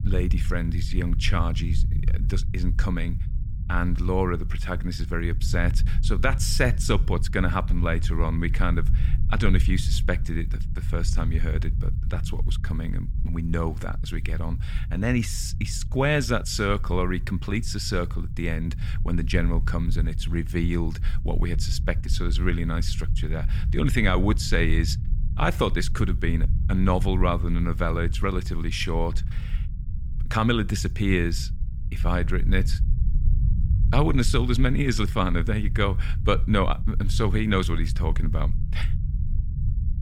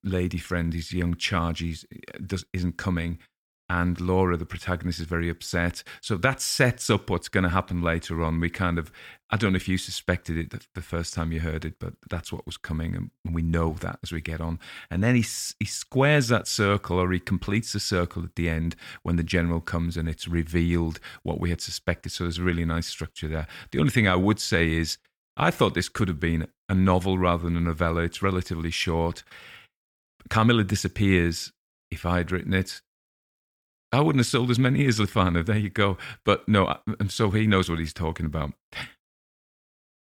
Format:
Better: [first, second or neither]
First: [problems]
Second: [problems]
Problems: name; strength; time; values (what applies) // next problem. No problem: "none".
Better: second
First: low rumble; noticeable; throughout; 15 dB below the speech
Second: none